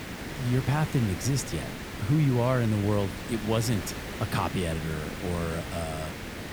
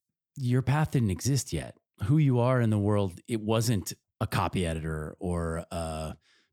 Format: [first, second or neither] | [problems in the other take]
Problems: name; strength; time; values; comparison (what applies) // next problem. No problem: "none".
second | hiss; loud; throughout; 8 dB below the speech